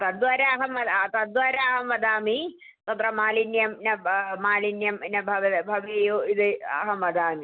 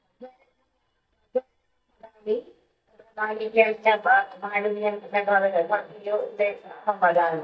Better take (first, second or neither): first